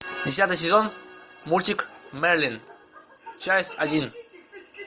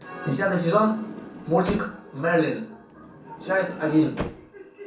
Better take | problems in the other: first | background sound (Sliding door); 13 dB below the speech // room echo; dies away in 0.6 s

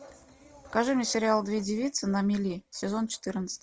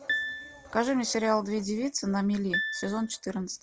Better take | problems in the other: first | background sound (Piano); 6 dB below the speech

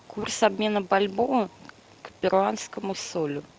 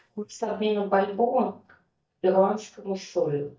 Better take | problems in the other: first | noise reduction (neural mask model DeepFilterNet 3)

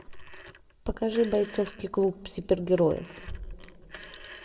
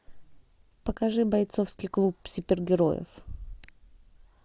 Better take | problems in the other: second | background sound (Telephone); 19 dB below the speech // room echo; dies away in 2.1 s

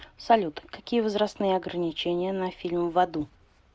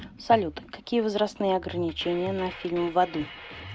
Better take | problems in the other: first | background sound (Drum kit); 16 dB below the speech

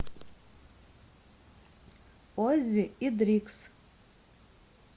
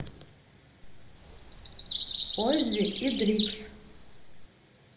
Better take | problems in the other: first | background sound (Bird vocalization, bird call, bird song); 5 dB below the speech // room echo; dies away in 0.7 s

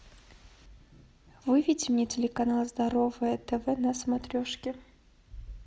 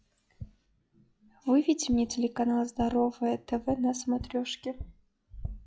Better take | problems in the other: first | noise reduction (classical method log-MMSE)

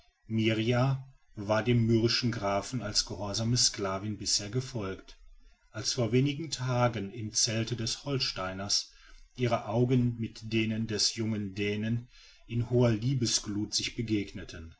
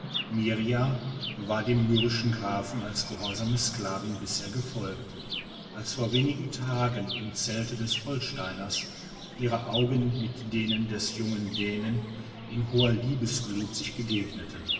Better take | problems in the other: first | background sound (Chirp, tweet); 9 dB below the speech // room echo; dies away in 2.6 s

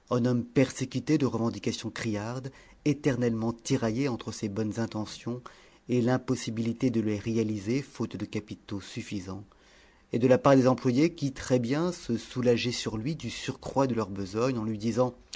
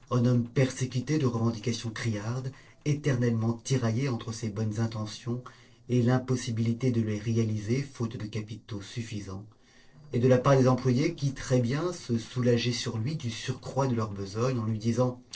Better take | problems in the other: first | noise reduction (neural separator model SepFormer DNS4)

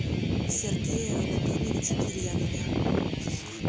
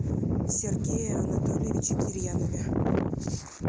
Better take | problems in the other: second | background sound (Guitar); 12 dB below the speech

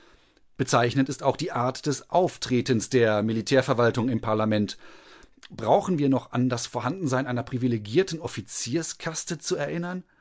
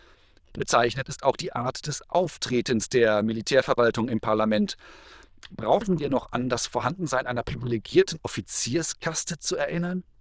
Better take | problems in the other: first | noise reduction (neural diffusion model UNIVERSE++)

